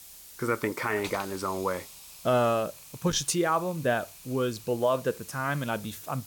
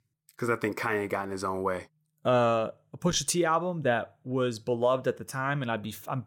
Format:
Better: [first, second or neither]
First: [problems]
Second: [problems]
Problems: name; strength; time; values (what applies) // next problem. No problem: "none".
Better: second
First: hiss; noticeable; throughout; 15 dB below the speech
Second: none